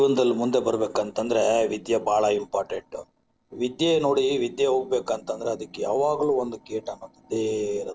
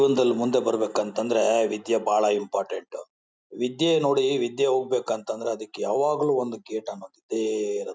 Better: second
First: noise reduction (neural separator model SepFormer DNS4)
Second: none

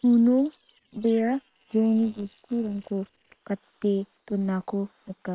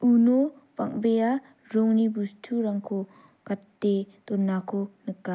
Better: second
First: noise reduction (neural separator model SepFormer WHAM!)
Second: none

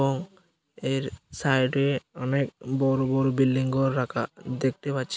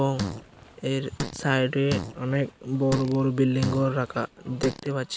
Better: first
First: none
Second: background sound (Fart); 9 dB below the speech

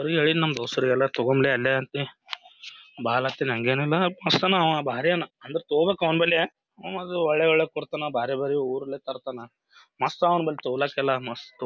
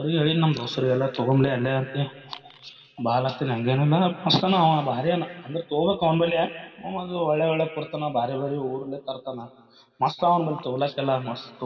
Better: first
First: none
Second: room echo; dies away in 2 s

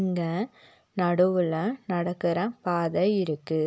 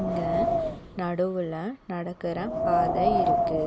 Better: first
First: none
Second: background sound (Wind); 3 dB above the speech

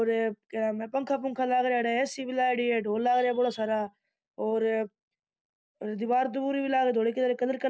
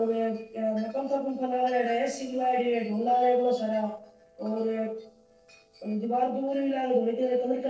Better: first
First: none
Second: noise reduction (neural separator model SepFormer DNS4)

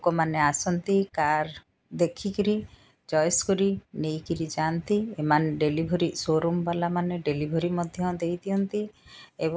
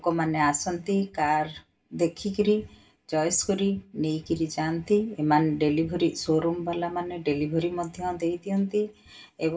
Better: first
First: none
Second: room echo; dies away in 0.2 s

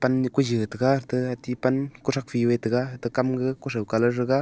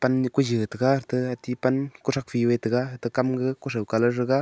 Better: second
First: noise reduction (neural separator model SepFormer DNS4)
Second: none

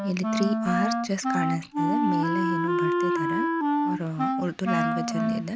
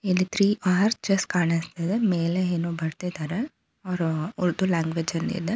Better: second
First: background sound (Wind instrument, woodwind instrument); 4 dB above the speech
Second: none

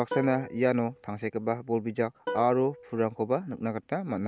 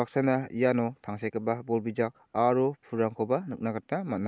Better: second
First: background sound (Plucked string instrument); 12 dB below the speech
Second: none

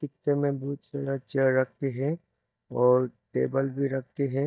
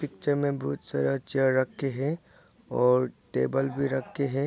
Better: second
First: noise reduction (neural mask model DeepFilterNet 3)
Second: none

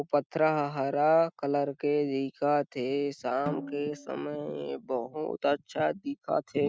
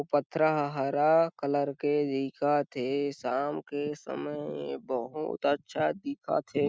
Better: second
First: background sound (Snare drum); 15 dB below the speech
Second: none

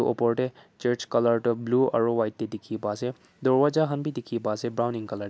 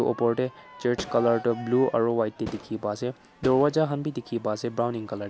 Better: first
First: none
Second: background sound (Crowd / Fireworks); 16 dB below the speech

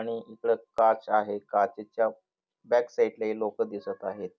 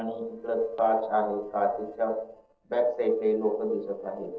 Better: first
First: none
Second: noise reduction (neural separator model SepFormer DNS4)

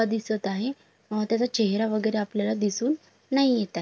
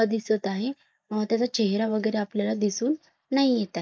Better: first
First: none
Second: noise reduction (neural mask model Resemble Enhance denoiser)

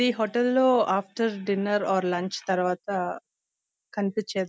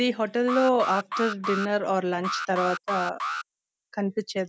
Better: first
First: none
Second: noise reduction (neural mask model Resemble Enhance denoiser)

